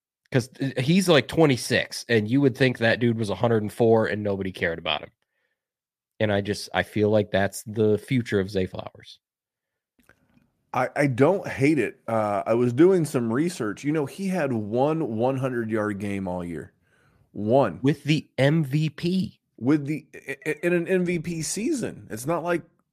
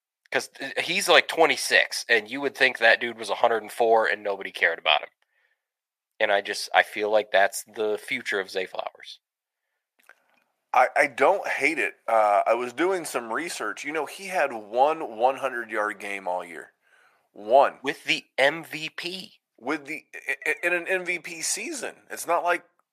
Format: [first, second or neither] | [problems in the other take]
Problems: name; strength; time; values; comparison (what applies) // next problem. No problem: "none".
first | thin; very; fading below 750 Hz